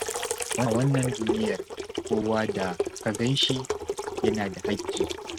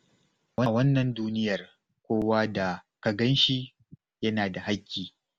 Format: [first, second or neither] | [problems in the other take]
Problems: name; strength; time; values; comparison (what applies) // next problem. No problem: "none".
second | noise reduction (neural mask model RNNoise)